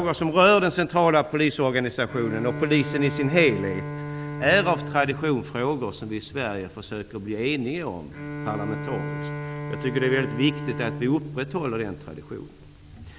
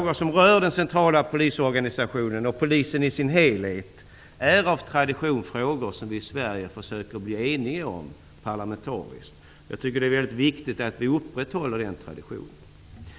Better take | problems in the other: second | background sound (Bowed string instrument); 10 dB below the speech

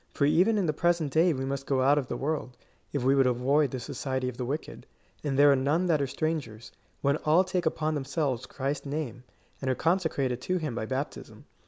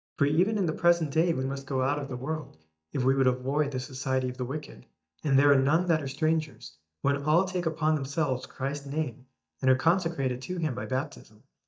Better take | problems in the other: first | noise reduction (neural mask model DeepFilterNet 3)

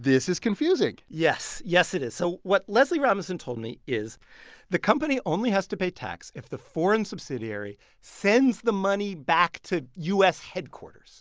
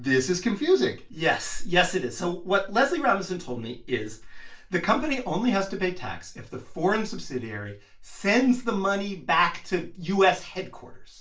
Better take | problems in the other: first | room echo; dies away in 0.3 s

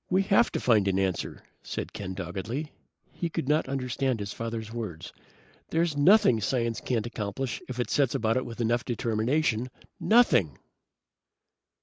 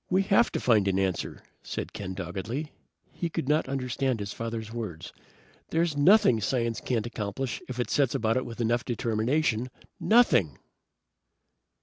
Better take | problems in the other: second | noise reduction (neural mask model Resemble Enhance denoiser)

